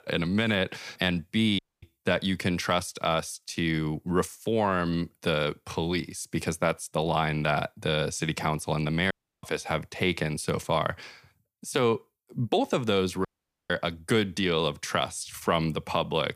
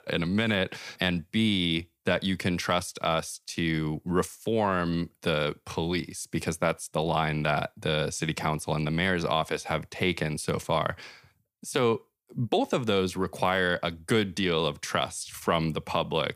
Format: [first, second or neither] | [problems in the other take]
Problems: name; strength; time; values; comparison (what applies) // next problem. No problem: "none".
second | audio cutting out; at 1.5 s, at 9 s and at 13 s